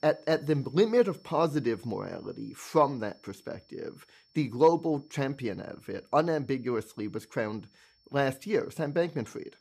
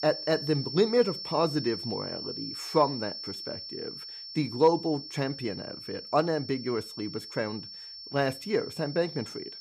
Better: first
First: high-pitched whine; faint; throughout; 5.5 kHz, 30 dB below the speech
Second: high-pitched whine; loud; throughout; 5.5 kHz, 9 dB below the speech

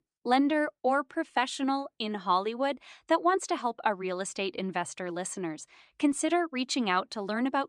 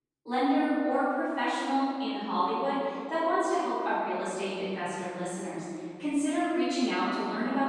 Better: first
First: none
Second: off-mic speech; far // room echo; strong; dies away in 2.2 s

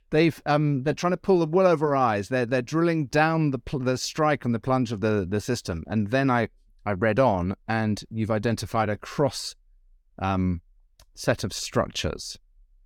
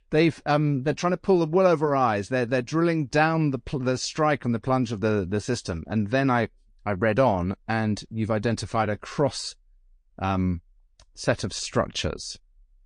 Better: first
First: none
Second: garbled, watery; slightly; nothing above 9 kHz

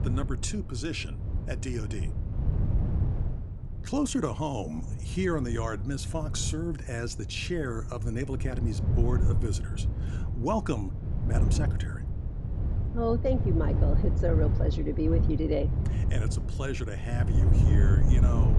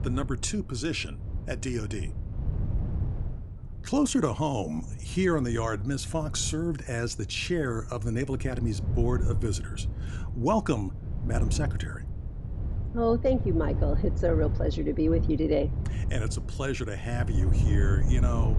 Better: second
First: wind noise on the microphone; heavy; 8 dB below the speech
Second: wind noise on the microphone; occasional gusts; 15 dB below the speech

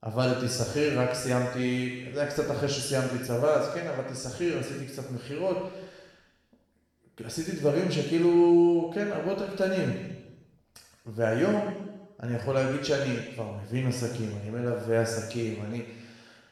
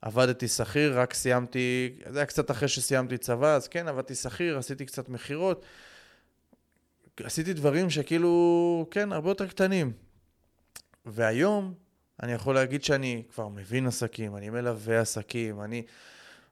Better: second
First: room echo; noticeable; dies away in 1.1 s // off-mic speech; far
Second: none

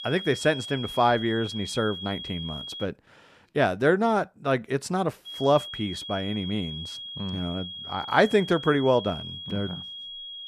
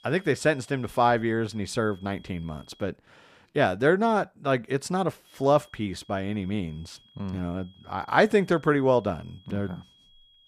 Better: second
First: high-pitched whine; loud; until 3 s and from 5.5 s on; 3.5 kHz, 9 dB below the speech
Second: high-pitched whine; faint; until 3 s and from 5.5 s on; 3.5 kHz, 30 dB below the speech

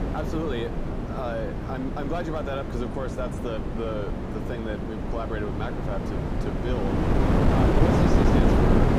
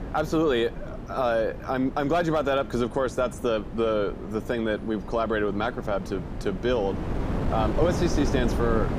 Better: second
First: wind noise on the microphone; heavy; 3 dB above the speech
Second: wind noise on the microphone; occasional gusts; 10 dB below the speech

